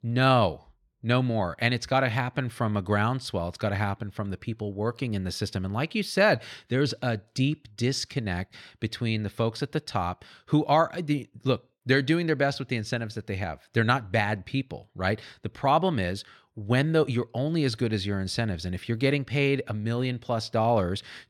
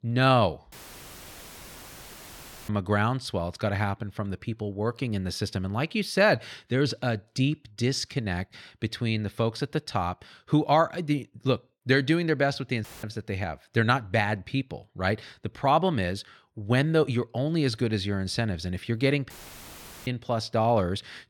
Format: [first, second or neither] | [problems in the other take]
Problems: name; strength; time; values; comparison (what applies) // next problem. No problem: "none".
first | audio cutting out; filled with static; at 0.5 s for 2 s, at 13 s and at 19 s for 1 s